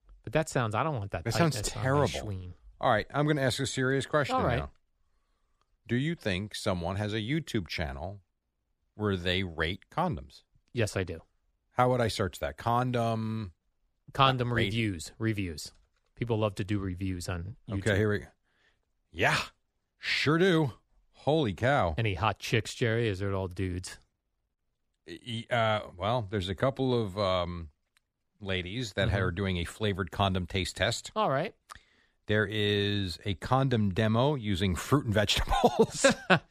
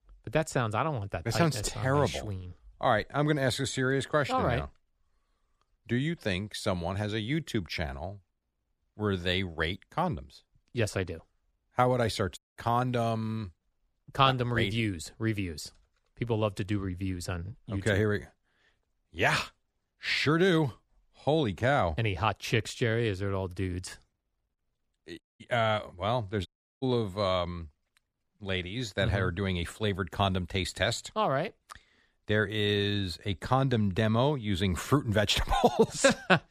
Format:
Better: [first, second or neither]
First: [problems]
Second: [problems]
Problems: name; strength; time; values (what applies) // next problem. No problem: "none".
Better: first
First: none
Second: audio cutting out; at 12 s, at 25 s and at 26 s